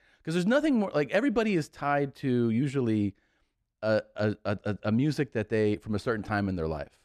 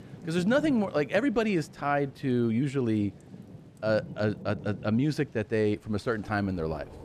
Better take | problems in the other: first | rain or running water; noticeable; throughout; 15 dB below the speech

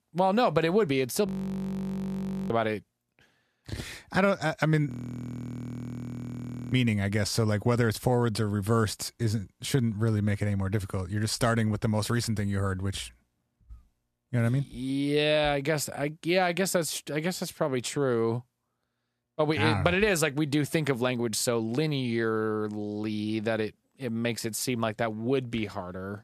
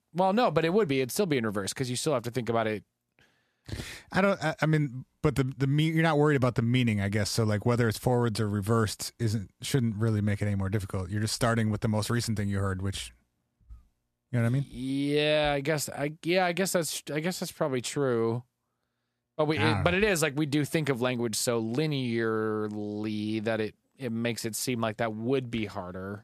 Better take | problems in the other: second | audio freezing; at 1.5 s for 1 s and at 5 s for 2 s

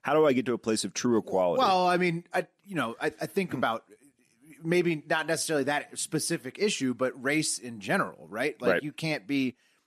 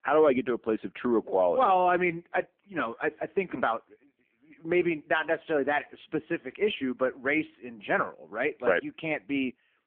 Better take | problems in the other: first | phone-call audio; poor line; nothing above 3 kHz

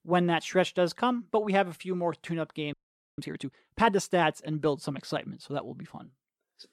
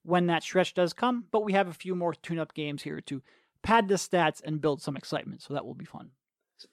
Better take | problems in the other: second | audio freezing; at 2.5 s

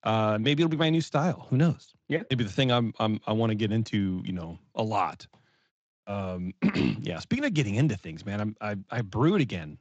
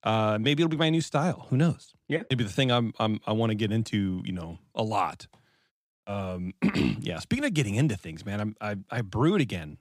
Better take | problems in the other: second | garbled, watery; slightly; nothing above 7.5 kHz

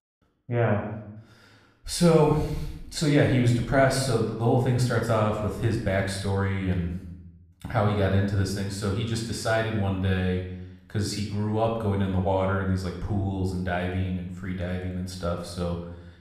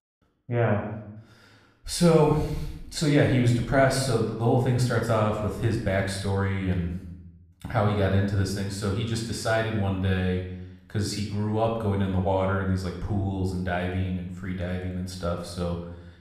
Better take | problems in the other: neither | off-mic speech; somewhat distant; the same in both // room echo; noticeable; dies away in 0.7 s; the same in both

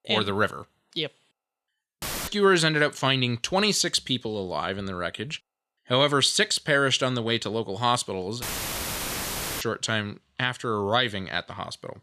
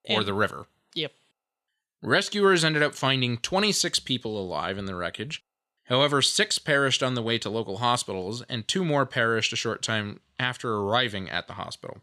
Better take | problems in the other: second | audio cutting out; filled with static; at 2 s and at 8.5 s for 1 s

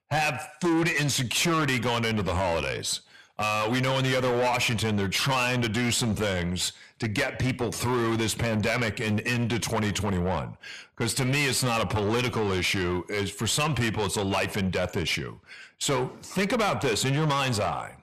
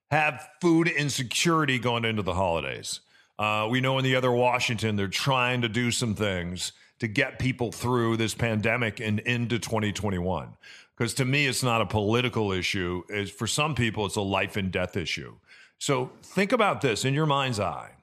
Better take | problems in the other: second | distortion; heavy; 7 dB below the speech

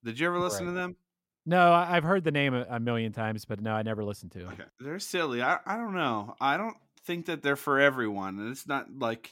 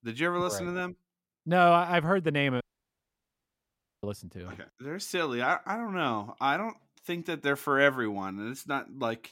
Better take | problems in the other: first | audio cutting out; at 2.5 s for 1.5 s

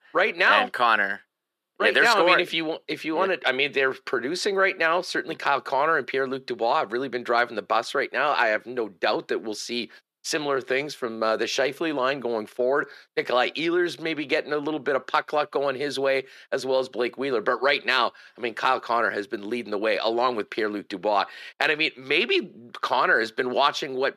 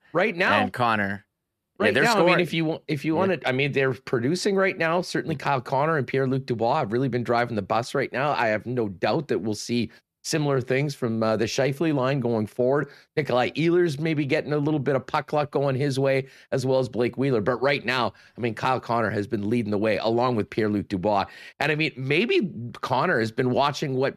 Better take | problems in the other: second | thin; somewhat; fading below 400 Hz

